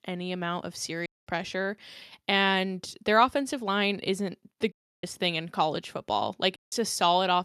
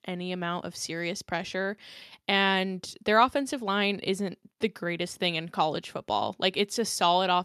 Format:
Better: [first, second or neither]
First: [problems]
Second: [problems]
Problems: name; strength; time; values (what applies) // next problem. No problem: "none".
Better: second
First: audio cutting out; at 1 s, at 4.5 s and at 6.5 s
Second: none